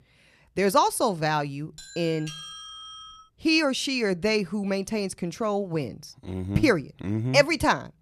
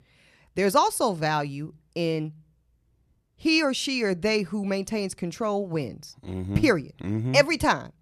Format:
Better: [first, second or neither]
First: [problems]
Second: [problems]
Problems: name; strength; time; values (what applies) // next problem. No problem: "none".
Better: second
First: doorbell; faint; from 2 to 3.5 s; peak 10 dB below the speech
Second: none